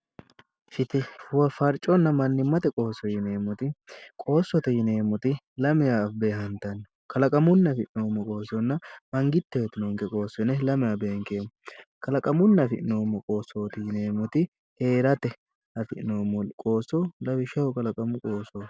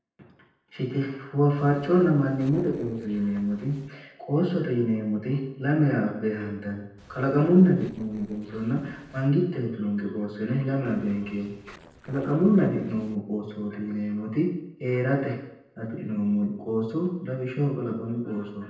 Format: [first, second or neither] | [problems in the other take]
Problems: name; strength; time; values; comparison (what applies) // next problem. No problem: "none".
first | noise reduction (neural separator model SepFormer DNS4)